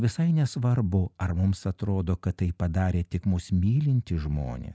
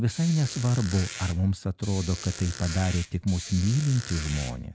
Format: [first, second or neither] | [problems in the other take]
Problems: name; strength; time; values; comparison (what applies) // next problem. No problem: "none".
first | background sound (Squeak); 13 dB below the speech